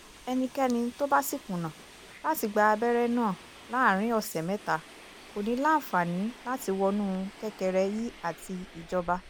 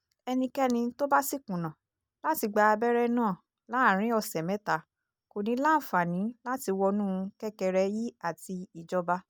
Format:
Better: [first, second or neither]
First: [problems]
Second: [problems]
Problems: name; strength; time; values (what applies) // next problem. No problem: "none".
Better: second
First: background sound (Subway, metro, underground); 20 dB below the speech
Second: none